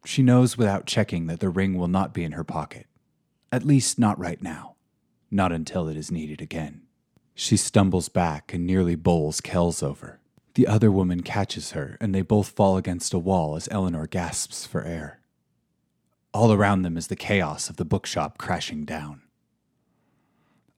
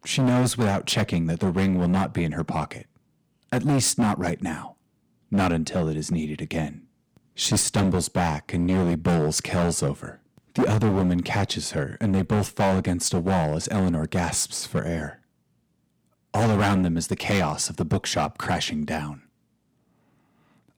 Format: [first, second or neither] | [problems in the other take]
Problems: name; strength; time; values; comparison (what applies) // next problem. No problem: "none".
first | distortion; heavy; 10% of the sound clipped